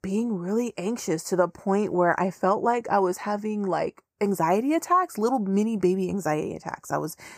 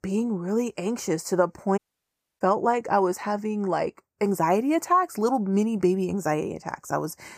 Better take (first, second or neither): first